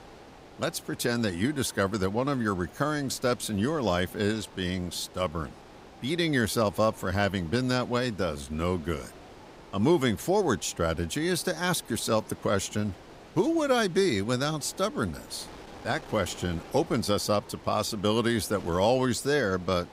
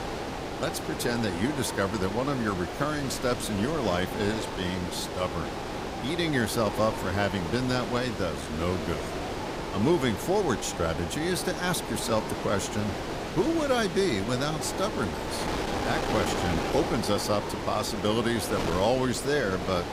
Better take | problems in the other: first | wind noise on the microphone; heavy; 4 dB below the speech; occasional gusts in the first

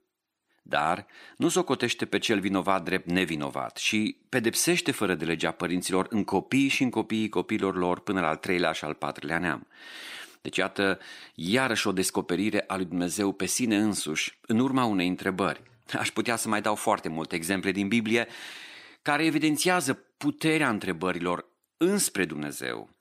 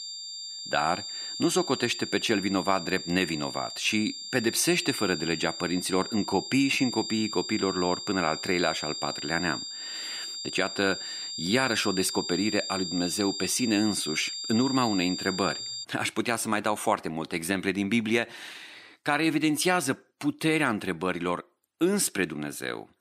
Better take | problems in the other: first | high-pitched whine; loud; until 16 s; 4.5 kHz, 6 dB below the speech

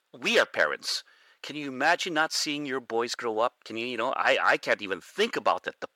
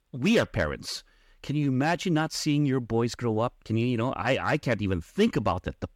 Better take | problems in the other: second | thin; very; fading below 550 Hz

